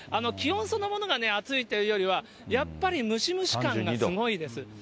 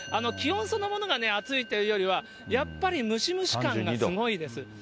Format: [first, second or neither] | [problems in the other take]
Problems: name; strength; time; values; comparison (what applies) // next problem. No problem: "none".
first | background sound (Musical instrument); 19 dB below the speech